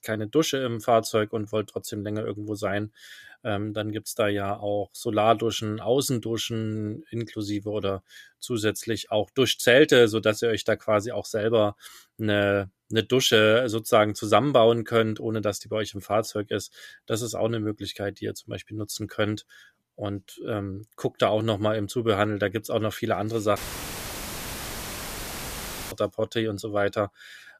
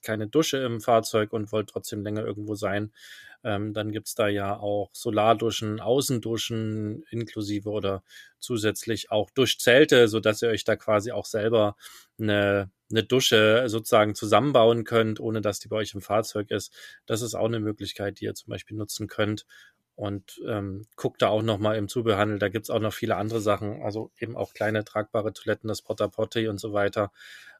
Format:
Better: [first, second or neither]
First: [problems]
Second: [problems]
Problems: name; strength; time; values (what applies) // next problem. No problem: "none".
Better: second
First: audio cutting out; filled with static; at 24 s for 2.5 s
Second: none